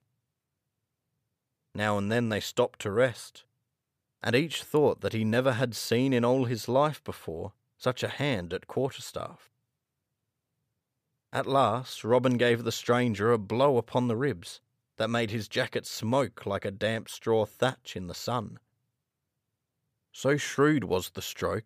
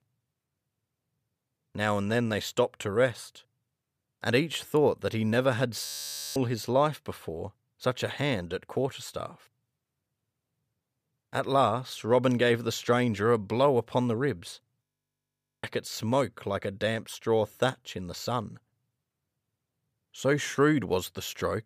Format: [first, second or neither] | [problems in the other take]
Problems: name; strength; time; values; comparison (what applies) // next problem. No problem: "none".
first | audio freezing; at 6 s for 0.5 s and at 15 s for 1 s